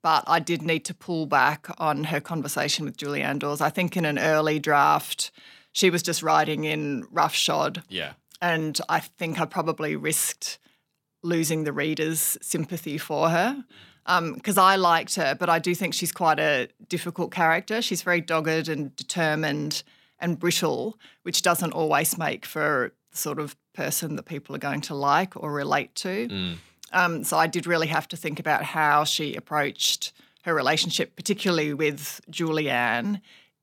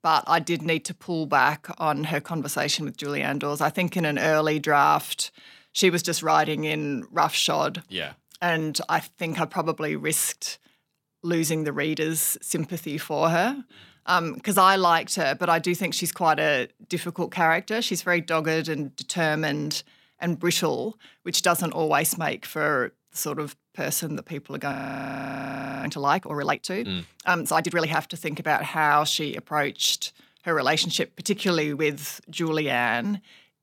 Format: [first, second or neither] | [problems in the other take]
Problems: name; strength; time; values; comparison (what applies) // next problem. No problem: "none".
first | audio freezing; at 25 s for 1 s